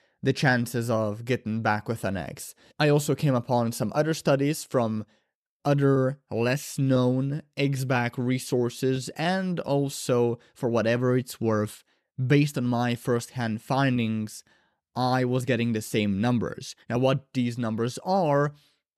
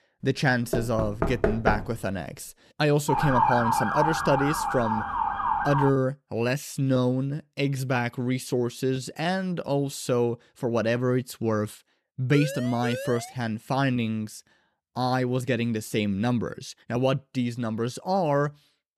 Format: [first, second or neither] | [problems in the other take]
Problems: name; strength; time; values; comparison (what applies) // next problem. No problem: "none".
first | door banging; loud; from 0.5 to 2 s; peak level with the speech // siren; loud; from 3 to 6 s; peak 4 dB above the speech // siren; noticeable; from 12 to 13 s; peak 7 dB below the speech